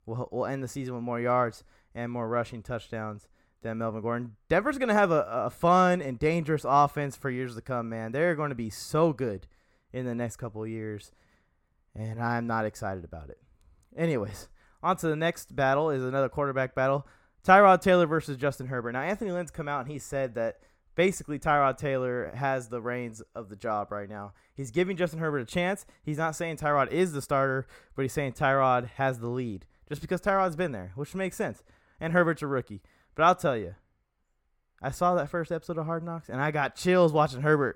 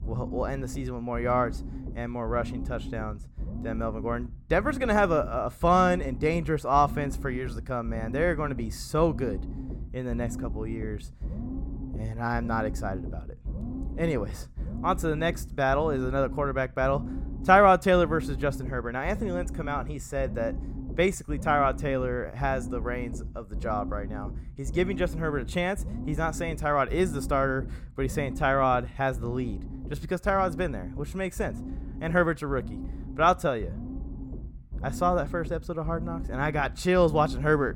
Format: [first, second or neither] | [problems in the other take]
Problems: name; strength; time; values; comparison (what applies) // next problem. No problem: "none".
first | low rumble; noticeable; throughout; 20 dB below the speech